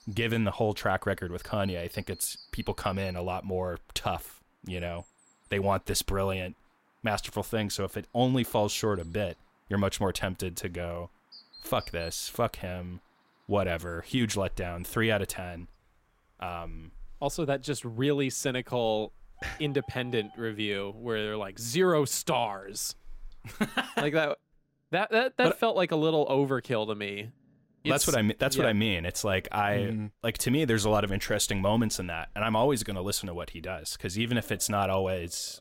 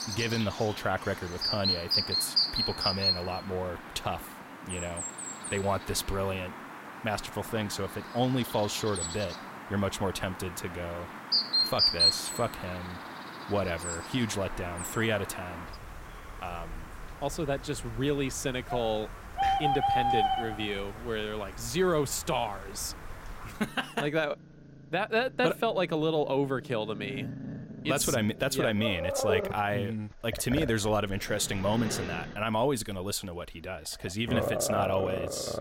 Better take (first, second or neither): first